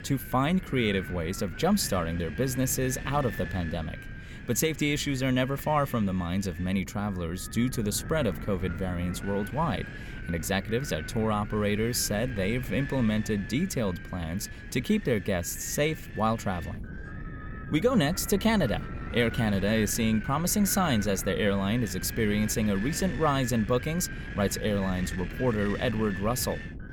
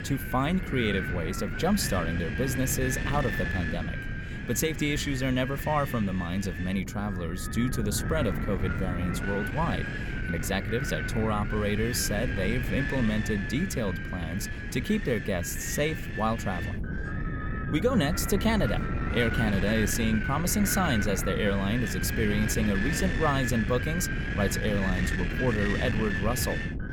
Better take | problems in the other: first | wind noise on the microphone; heavy; 3 dB below the speech; occasional gusts in the first

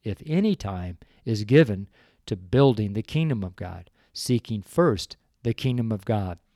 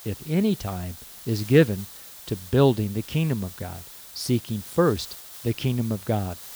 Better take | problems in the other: first | hiss; noticeable; throughout; 15 dB below the speech

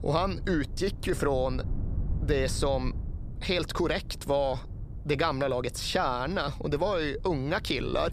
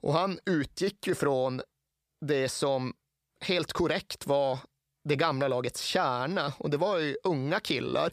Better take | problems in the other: second | wind noise on the microphone; occasional gusts; 20 dB below the speech

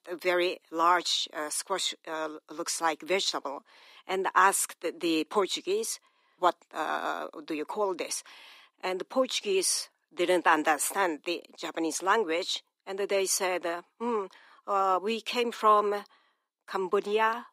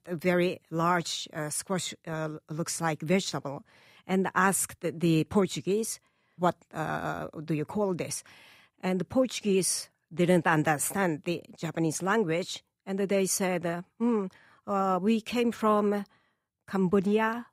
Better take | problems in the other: second | thin; very; fading below 300 Hz

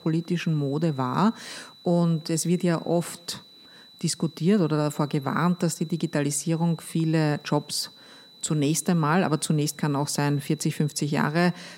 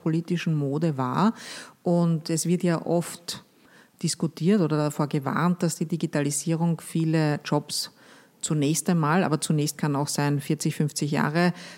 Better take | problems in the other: second | high-pitched whine; faint; throughout; 4 kHz, 25 dB below the speech

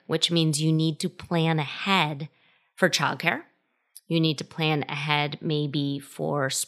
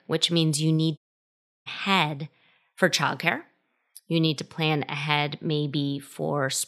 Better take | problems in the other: first | audio cutting out; at 1 s for 0.5 s

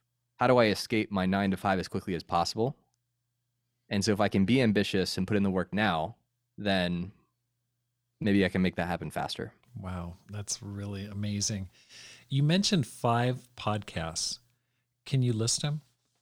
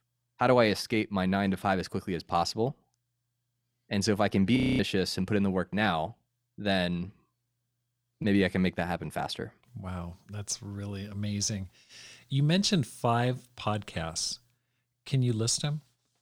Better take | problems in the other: first | audio freezing; at 4.5 s

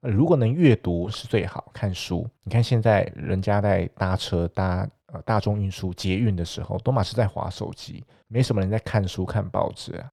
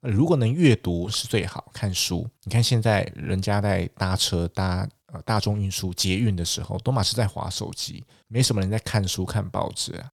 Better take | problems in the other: second | muffled; slightly; fading above 3.5 kHz

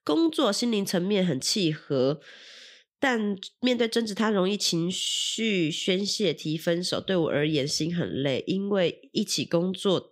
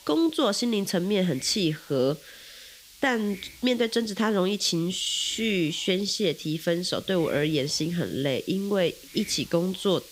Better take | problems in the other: first | hiss; noticeable; throughout; 20 dB below the speech

